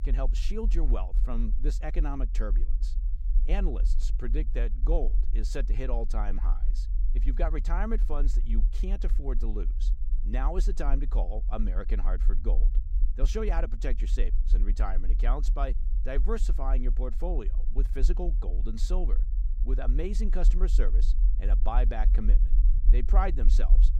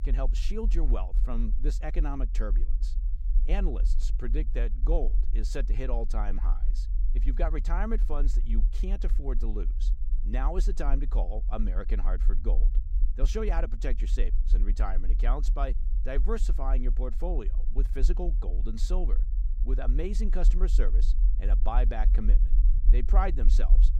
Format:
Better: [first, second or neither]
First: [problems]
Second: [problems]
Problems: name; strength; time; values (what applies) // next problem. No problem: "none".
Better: neither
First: low rumble; noticeable; throughout; 15 dB below the speech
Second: low rumble; noticeable; throughout; 15 dB below the speech